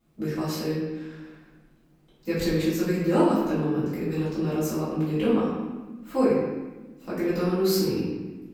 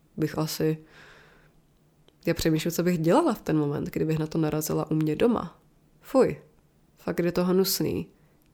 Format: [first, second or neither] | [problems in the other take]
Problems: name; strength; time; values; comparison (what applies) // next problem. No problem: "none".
second | off-mic speech; far // room echo; noticeable; dies away in 1.2 s